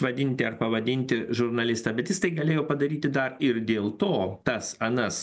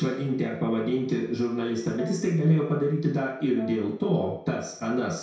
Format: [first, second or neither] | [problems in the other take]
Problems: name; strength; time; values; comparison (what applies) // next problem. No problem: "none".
first | background sound (Brass instrument); 20 dB below the speech // room echo; dies away in 0.6 s